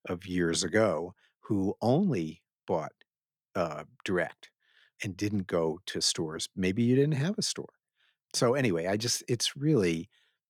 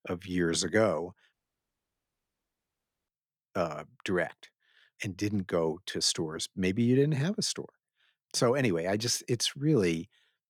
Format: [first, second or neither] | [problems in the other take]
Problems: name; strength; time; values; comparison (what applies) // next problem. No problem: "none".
first | audio cutting out; at 1.5 s for 2 s